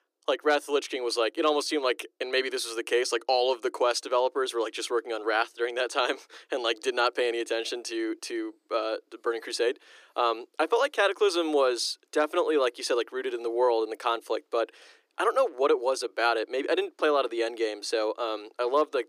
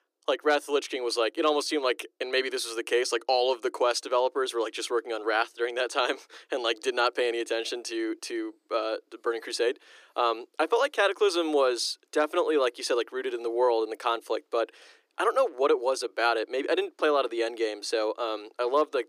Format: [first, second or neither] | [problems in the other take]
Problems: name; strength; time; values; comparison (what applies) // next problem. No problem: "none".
neither | thin; somewhat; fading below 300 Hz; the same in both